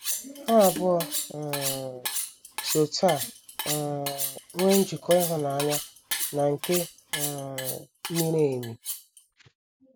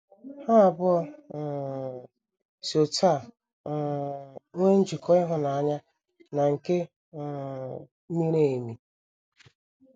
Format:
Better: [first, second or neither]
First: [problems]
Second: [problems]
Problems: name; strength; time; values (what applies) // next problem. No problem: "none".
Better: second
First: background sound (Cutlery, silverware); 6 dB below the speech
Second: none